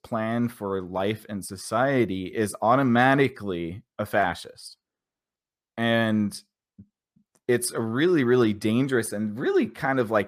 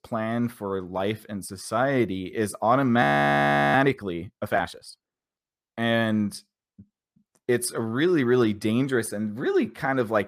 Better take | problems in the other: first | audio freezing; at 3 s for 0.5 s

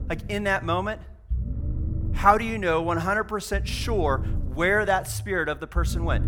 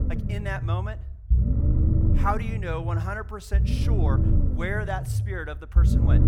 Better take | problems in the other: first | low rumble; loud; throughout; 6 dB below the speech; faint in the first

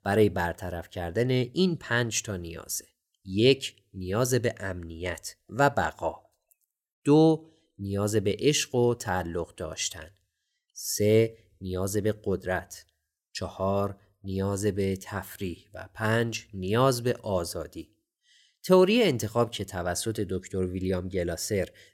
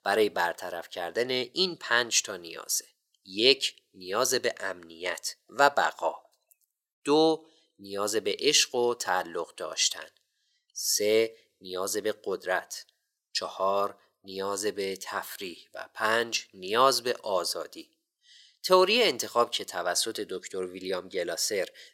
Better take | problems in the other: first | thin; somewhat; fading below 450 Hz

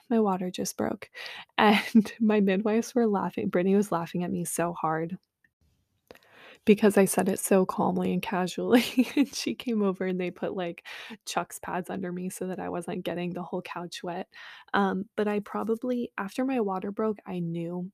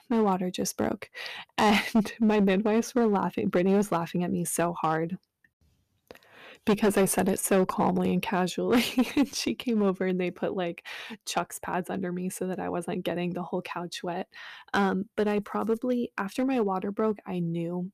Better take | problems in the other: first | distortion; slight; 5% of the sound clipped

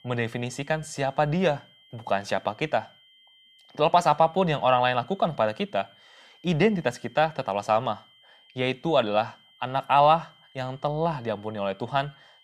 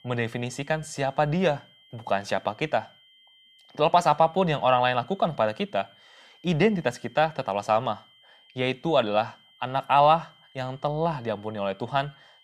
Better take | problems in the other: neither | high-pitched whine; faint; throughout; 3 kHz, 30 dB below the speech; the same in both

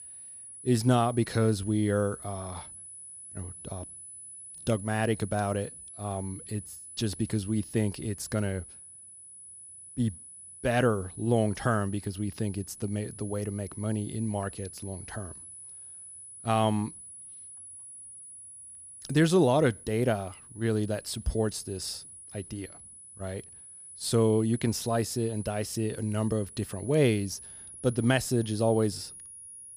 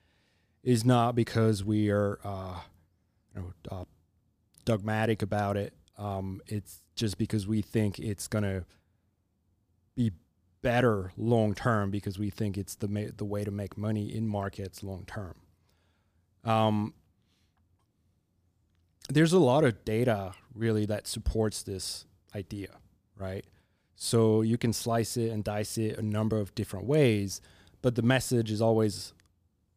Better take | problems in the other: second | high-pitched whine; noticeable; throughout; 10 kHz, 15 dB below the speech

